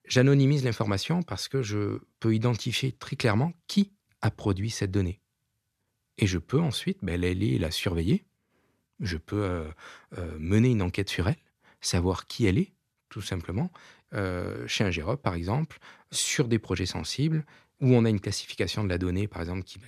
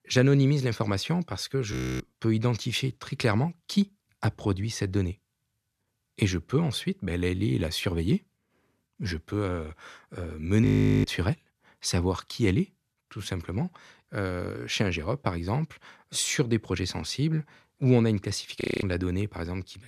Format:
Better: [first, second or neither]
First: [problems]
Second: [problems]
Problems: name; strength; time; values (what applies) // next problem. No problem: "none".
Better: first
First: none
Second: audio freezing; at 1.5 s, at 11 s and at 19 s